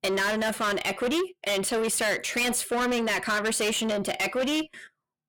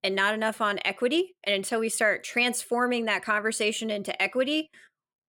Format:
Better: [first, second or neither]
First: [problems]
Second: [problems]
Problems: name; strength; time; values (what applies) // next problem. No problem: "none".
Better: second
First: distortion; heavy; 6 dB below the speech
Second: none